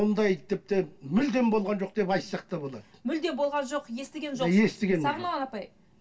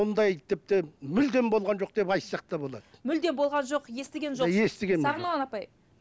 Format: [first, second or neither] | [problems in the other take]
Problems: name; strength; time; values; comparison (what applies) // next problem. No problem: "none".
second | room echo; dies away in 0.2 s